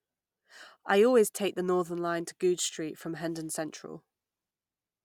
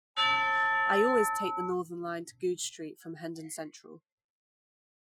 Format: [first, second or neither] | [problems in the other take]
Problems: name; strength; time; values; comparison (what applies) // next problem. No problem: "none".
first | noise reduction (classical method Wiener filter)